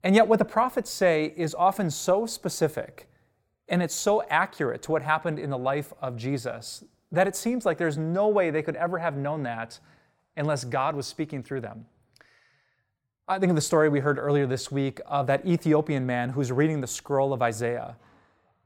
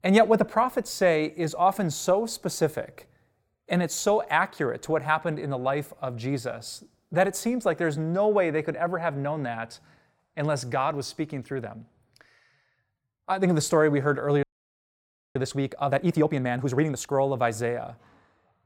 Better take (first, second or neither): first